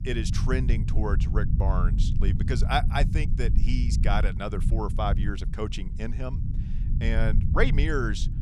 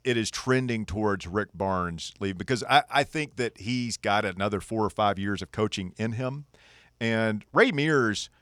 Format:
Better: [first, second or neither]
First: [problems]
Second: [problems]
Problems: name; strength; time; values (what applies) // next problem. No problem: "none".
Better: second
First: low rumble; noticeable; throughout; 10 dB below the speech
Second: none